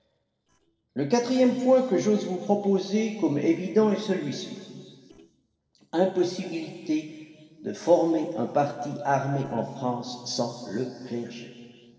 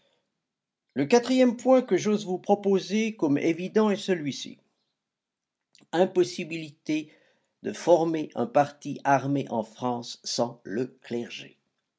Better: second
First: noise reduction (neural separator model SepFormer DNS4)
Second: none

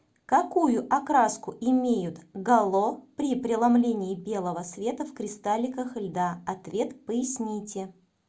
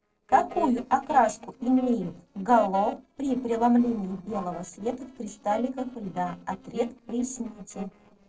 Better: first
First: none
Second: noise reduction (neural separator model SepFormer DNS4)

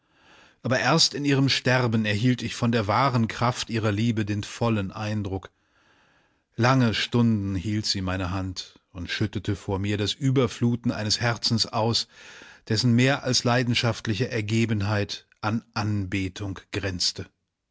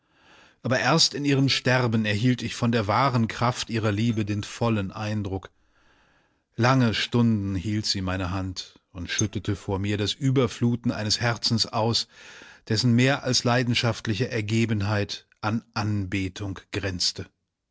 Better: first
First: none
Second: noise reduction (neural separator model SepFormer DNS4)

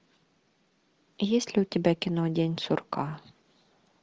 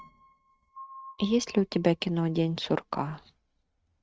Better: first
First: none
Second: noise reduction (neural mask model RNNoise)

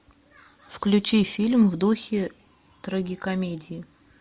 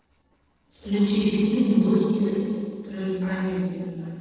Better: first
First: none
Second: noise reduction (neural separator model SepFormer DNS4)

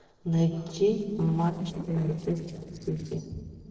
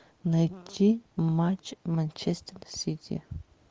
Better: second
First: noise reduction (neural separator model SepFormer DNS4)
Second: none

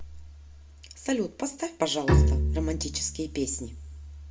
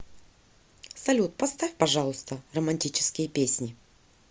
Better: second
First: background sound (Bowed string instrument); 3 dB above the speech // room echo; dies away in 0.3 s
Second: none

